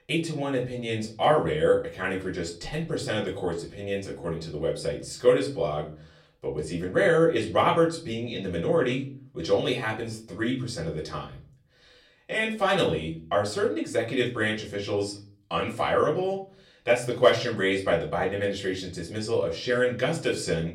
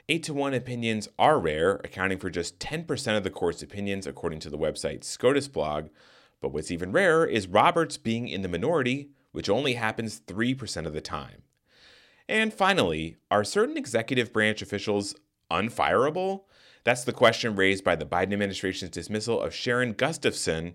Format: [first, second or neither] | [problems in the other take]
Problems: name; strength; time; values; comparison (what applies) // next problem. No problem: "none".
second | off-mic speech; far // room echo; slight; dies away in 0.4 s